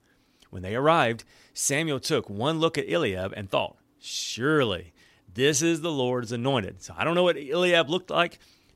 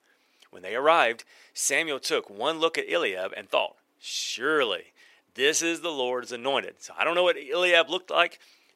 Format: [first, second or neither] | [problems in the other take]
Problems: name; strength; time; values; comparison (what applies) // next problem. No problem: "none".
first | thin; somewhat; fading below 500 Hz